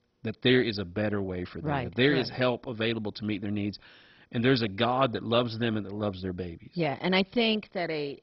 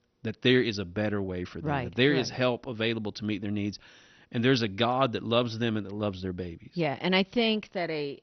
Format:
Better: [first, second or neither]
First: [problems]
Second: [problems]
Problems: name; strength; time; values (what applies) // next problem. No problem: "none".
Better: second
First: garbled, watery; badly; nothing above 5.5 kHz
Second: garbled, watery; slightly; nothing above 6 kHz